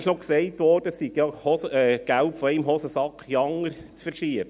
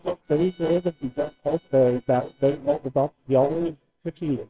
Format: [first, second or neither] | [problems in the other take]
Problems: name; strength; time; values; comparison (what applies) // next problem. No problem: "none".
first | noise reduction (neural separator model SepFormer WHAMR!)